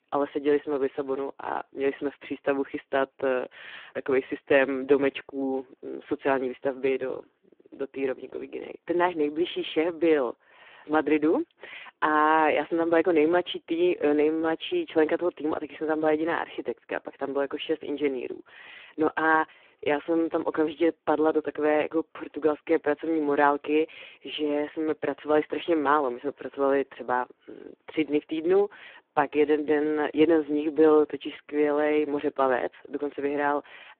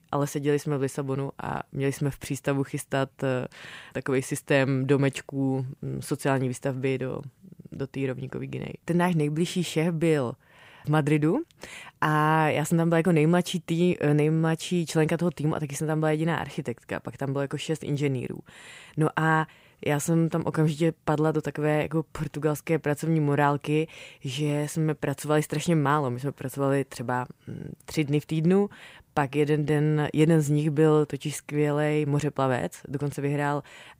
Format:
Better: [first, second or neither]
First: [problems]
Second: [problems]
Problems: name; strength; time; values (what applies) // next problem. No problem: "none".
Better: second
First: phone-call audio; poor line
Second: none